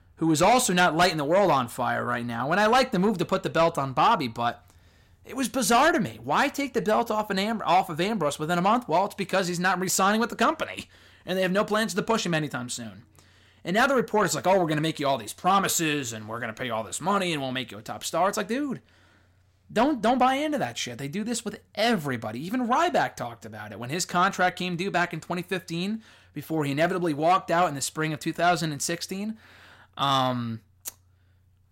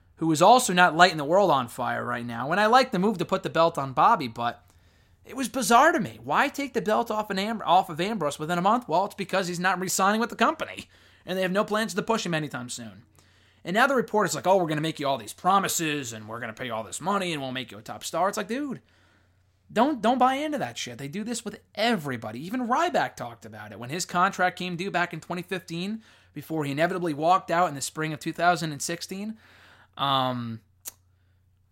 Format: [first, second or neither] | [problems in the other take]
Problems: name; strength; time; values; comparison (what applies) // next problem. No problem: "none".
second | distortion; slight; 10 dB below the speech